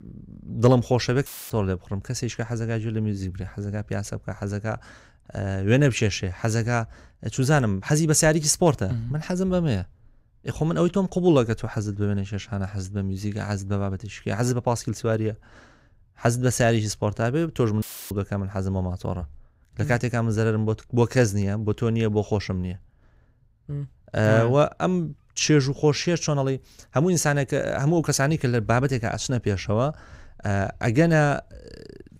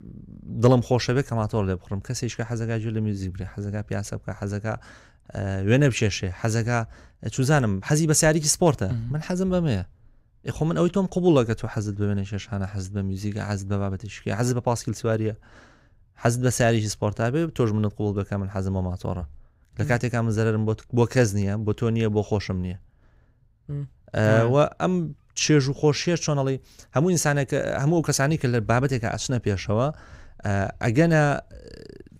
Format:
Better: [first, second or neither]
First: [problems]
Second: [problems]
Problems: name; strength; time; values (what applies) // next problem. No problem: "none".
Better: second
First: audio cutting out; filled with static; at 1.5 s and at 18 s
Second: none